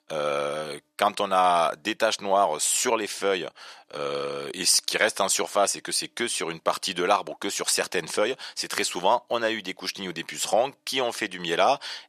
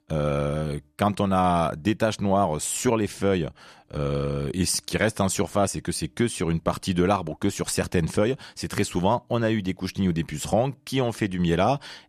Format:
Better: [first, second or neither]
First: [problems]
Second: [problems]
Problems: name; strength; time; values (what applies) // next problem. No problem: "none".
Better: second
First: thin; very; fading below 550 Hz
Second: none